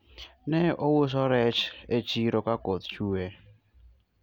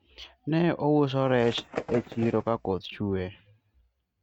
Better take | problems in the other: first | noise reduction (neural mask model RNNoise)

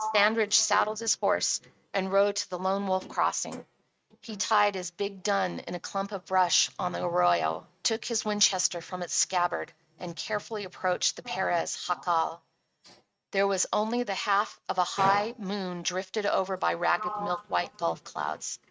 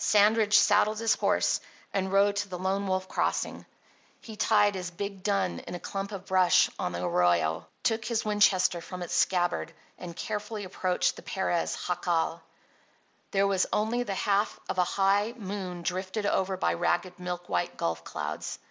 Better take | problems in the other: second | noise reduction (neural mask model RNNoise)

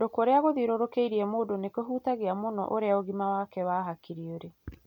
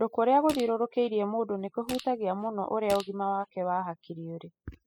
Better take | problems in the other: first | noise reduction (classical method spectral subtraction)

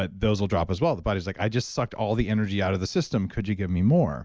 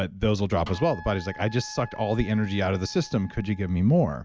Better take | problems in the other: first | background sound (Snare drum + Wind instrument, woodwind instrument); 20 dB below the speech

